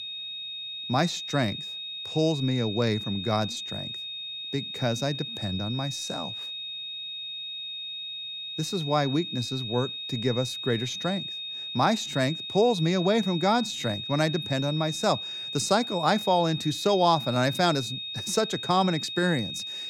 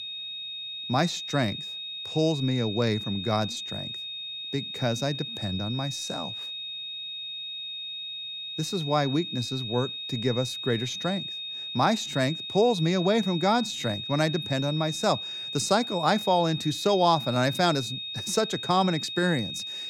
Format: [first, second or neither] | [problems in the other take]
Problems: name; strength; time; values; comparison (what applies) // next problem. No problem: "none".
neither | high-pitched whine; loud; throughout; 3.5 kHz, 6 dB below the speech; the same in both